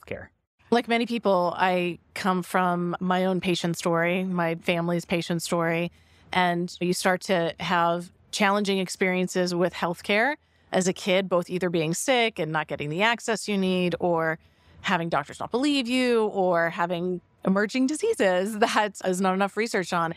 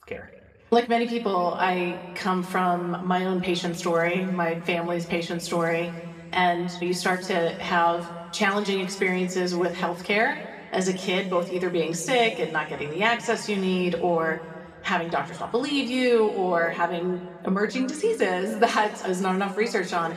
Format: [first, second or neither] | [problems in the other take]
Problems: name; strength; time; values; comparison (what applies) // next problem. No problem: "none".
first | room echo; slight; dies away in 1.7 s // off-mic speech; somewhat distant